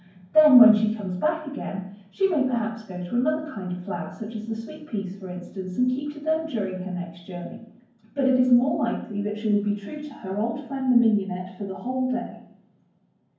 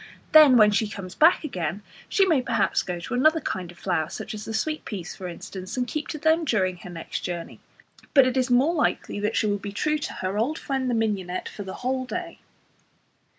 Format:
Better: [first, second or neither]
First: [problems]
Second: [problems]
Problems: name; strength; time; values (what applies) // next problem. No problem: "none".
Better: second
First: room echo; dies away in 0.9 s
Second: none